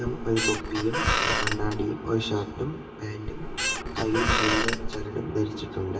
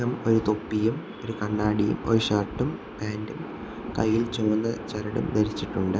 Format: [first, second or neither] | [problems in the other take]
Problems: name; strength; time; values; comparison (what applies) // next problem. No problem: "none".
second | background sound (Squeak); 2 dB above the speech // room echo; dies away in 1.4 s